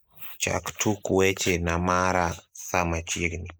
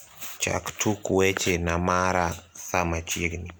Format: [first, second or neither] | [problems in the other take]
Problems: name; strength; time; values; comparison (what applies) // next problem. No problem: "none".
second | noise reduction (neural mask model Resemble Enhance denoiser)